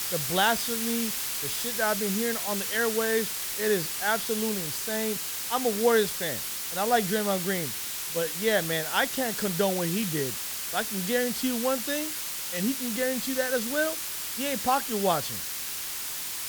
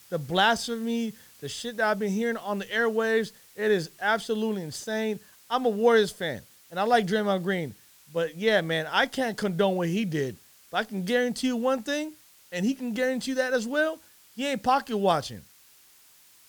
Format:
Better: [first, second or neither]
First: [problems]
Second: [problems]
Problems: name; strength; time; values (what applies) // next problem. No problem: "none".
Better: second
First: hiss; loud; throughout; 1 dB below the speech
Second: hiss; faint; throughout; 25 dB below the speech